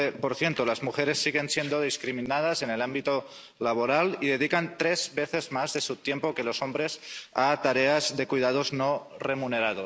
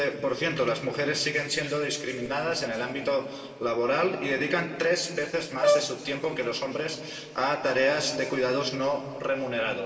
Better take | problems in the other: first | background sound (Brass instrument); 1 dB below the speech // room echo; dies away in 2.7 s

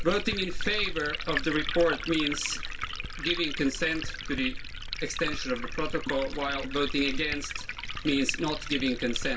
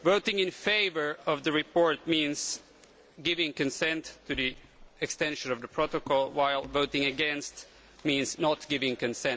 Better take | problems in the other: second | background sound (Liquid); 3 dB below the speech // room echo; dies away in 0.2 s

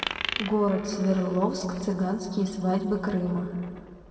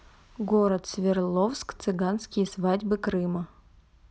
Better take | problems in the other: second | background sound (Coin (dropping)); 12 dB below the speech // room echo; dies away in 2.4 s

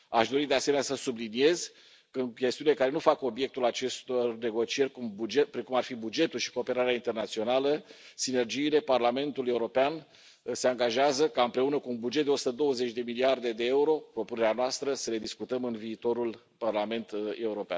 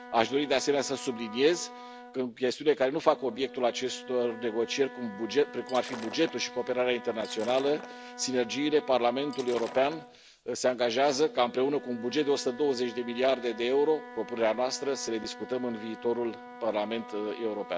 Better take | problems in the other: first | background sound (Shatter + Wind instrument, woodwind instrument); 16 dB below the speech

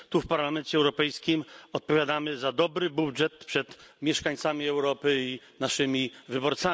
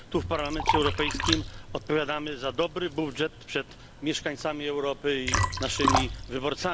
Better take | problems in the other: first | background sound (Liquid); 2 dB below the speech

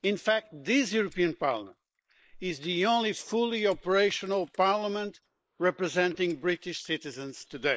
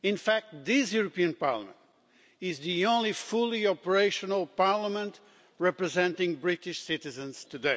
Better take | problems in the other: second | noise reduction (neural mask model Resemble Enhance denoiser)

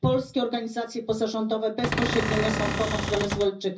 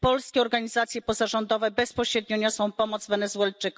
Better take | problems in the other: second | background sound (Cupboard open or close / Door); 1 dB below the speech // room echo; dies away in 0.5 s

